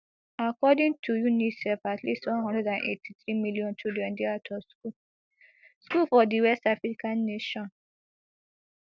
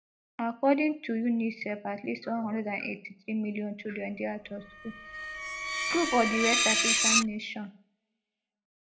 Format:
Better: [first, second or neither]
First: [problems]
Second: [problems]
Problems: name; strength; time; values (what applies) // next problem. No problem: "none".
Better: first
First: none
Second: background sound (Screech); 2 dB above the speech // room echo; dies away in 0.2 s